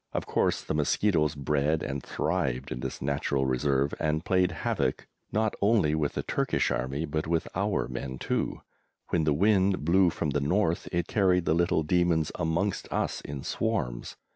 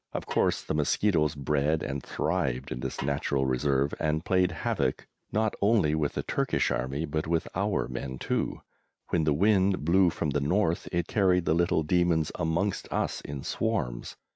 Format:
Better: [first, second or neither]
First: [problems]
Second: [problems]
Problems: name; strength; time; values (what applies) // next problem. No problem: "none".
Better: first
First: none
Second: noise reduction (neural mask model RNNoise)